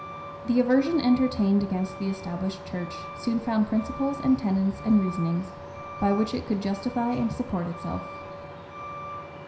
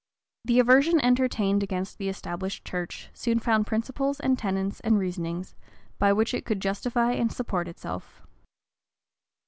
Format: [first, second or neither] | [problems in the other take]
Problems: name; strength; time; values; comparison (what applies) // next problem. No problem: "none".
second | background sound (Truck); 12 dB below the speech // room echo; dies away in 0.5 s